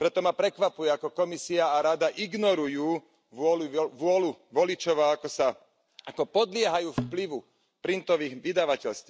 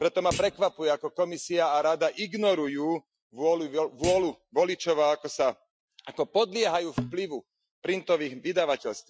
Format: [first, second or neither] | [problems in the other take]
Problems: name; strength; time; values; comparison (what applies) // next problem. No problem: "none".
first | noise reduction (classical method Wiener filter)